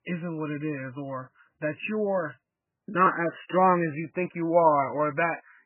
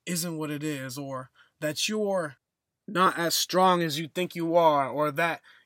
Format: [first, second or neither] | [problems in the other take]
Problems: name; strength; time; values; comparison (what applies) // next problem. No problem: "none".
second | garbled, watery; badly; nothing above 3 kHz